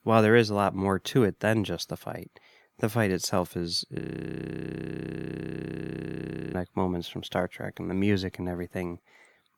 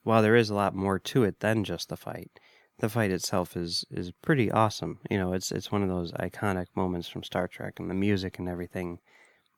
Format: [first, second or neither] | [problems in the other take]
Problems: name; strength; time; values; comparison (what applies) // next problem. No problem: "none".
second | audio freezing; at 4 s for 2.5 s